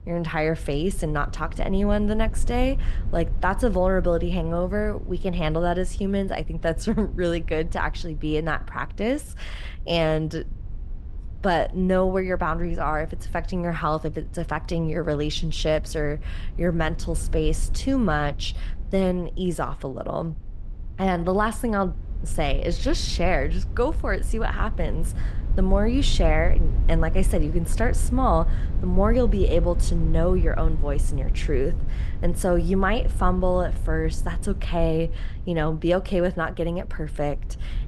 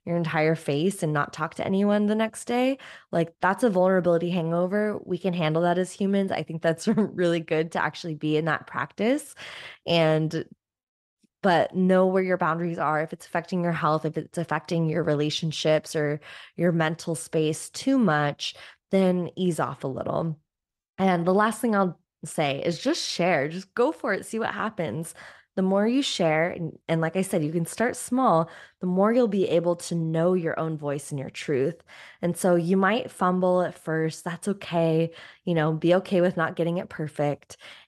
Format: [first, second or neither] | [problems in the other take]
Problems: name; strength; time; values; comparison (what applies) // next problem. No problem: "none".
second | low rumble; faint; throughout; 20 dB below the speech